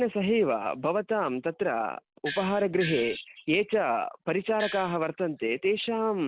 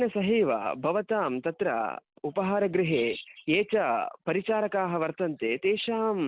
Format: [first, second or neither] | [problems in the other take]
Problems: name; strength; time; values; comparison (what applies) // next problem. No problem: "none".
second | background sound (Gong); 10 dB below the speech